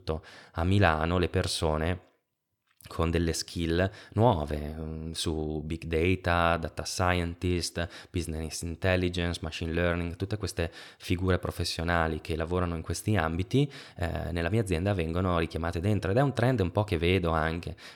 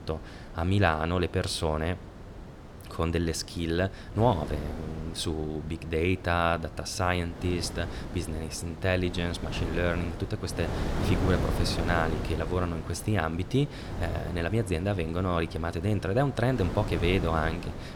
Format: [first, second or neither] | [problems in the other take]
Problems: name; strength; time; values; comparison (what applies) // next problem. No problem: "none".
first | wind noise on the microphone; occasional gusts; 10 dB below the speech